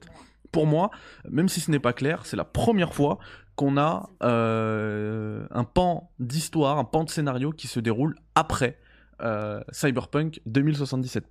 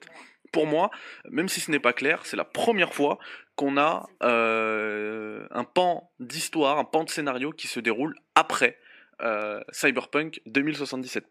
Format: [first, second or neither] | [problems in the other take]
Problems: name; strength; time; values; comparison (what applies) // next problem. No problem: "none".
first | thin; somewhat; fading below 300 Hz